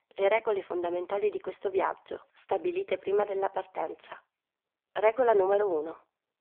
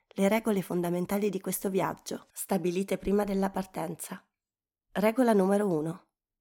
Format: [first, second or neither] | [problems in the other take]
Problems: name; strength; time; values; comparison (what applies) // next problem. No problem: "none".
second | phone-call audio; poor line; nothing above 3.5 kHz